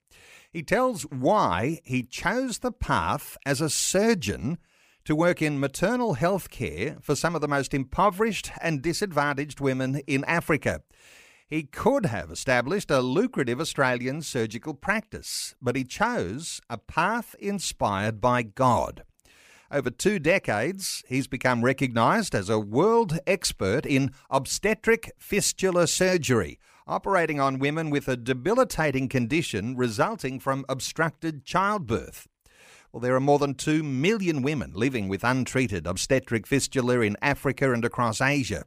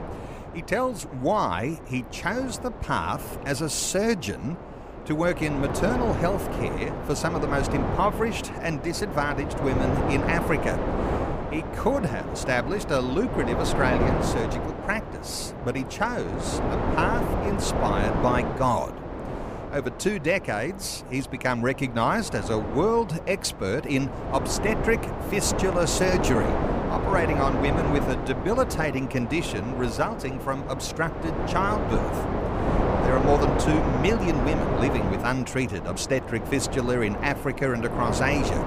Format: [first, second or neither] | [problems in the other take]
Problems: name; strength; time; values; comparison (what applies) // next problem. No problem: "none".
first | wind noise on the microphone; heavy; 3 dB below the speech